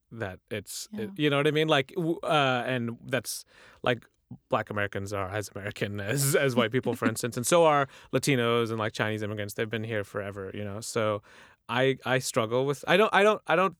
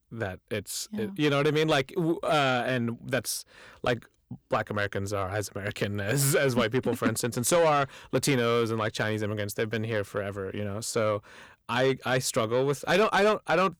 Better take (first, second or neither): first